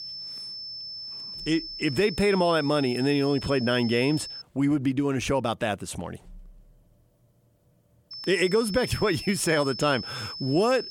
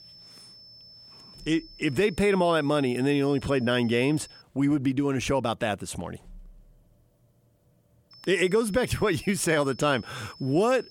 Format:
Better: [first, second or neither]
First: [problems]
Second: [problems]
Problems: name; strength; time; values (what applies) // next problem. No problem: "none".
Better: second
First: high-pitched whine; loud; until 4.5 s and from 8 s on; 5.5 kHz, 10 dB below the speech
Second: high-pitched whine; faint; until 4.5 s and from 8 s on; 5.5 kHz, 20 dB below the speech